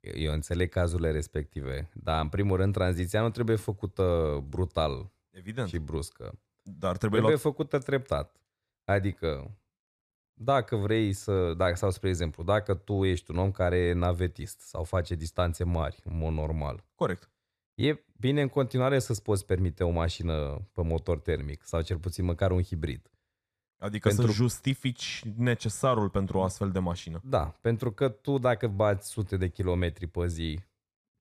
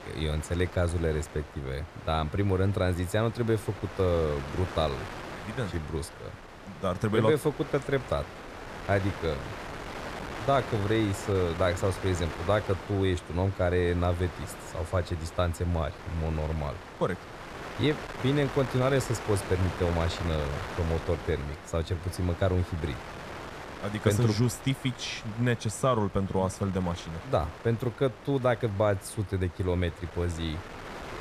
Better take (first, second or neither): first